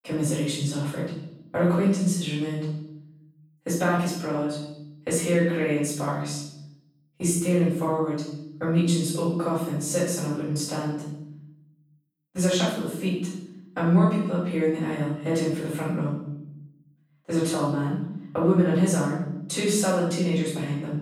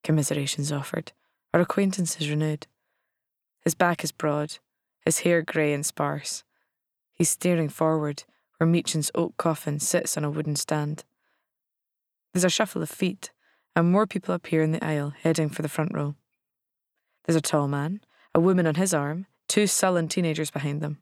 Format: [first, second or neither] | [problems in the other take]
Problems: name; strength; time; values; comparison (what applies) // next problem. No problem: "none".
second | off-mic speech; far // room echo; noticeable; dies away in 0.8 s